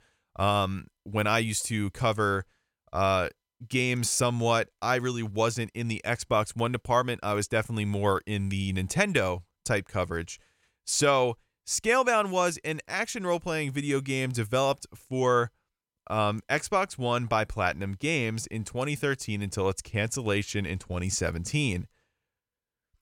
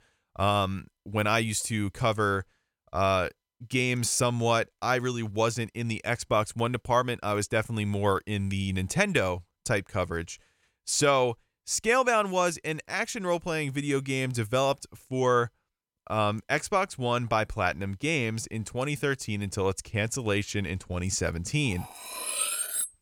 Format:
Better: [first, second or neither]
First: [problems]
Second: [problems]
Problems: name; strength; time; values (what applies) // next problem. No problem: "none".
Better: first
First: none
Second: clattering dishes; loud; from 22 s on; peak 1 dB above the speech